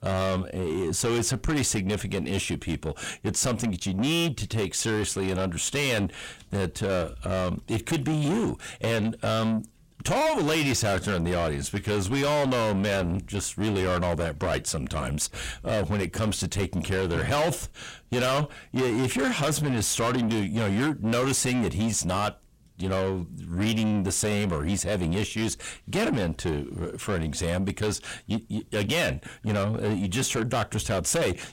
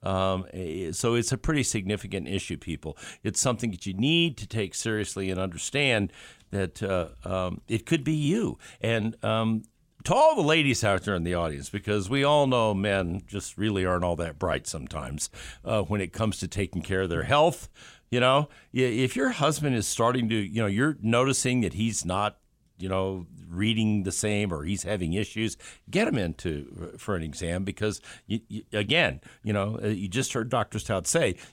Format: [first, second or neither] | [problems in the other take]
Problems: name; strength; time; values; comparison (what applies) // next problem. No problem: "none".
second | distortion; heavy; 6 dB below the speech